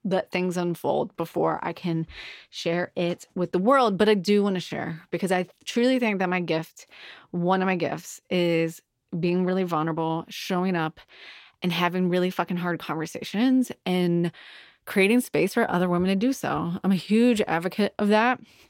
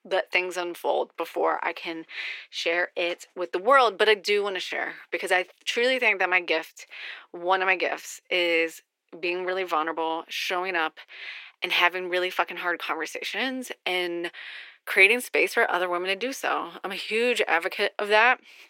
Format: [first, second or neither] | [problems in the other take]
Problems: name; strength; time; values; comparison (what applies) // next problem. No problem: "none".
first | thin; very; fading below 350 Hz